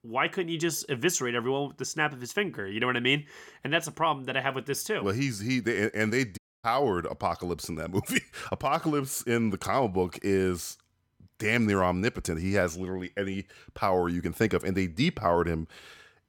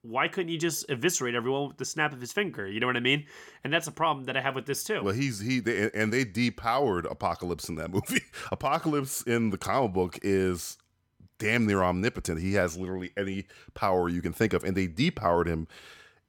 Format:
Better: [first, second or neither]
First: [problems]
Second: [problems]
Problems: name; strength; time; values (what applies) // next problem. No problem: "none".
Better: second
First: audio cutting out; at 6.5 s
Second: none